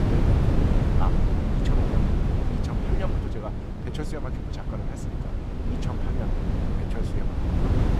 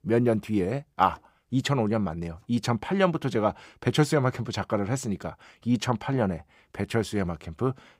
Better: second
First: wind noise on the microphone; heavy; 5 dB above the speech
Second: none

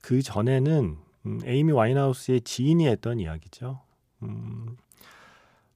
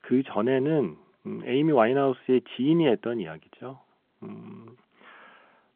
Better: first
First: none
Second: phone-call audio

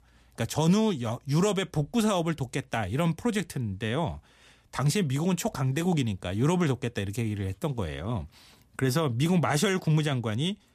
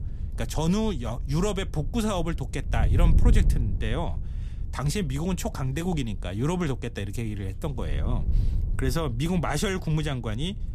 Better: first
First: none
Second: wind noise on the microphone; occasional gusts; 15 dB below the speech

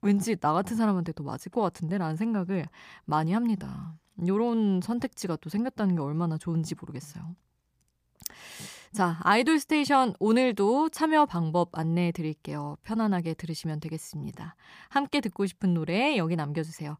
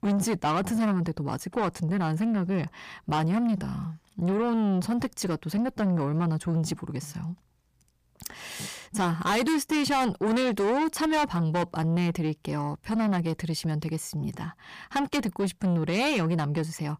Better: first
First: none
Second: distortion; heavy; 8 dB below the speech

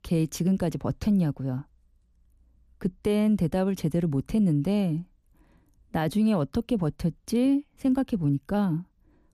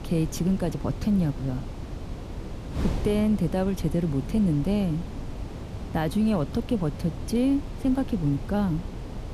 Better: first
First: none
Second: wind noise on the microphone; occasional gusts; 10 dB below the speech

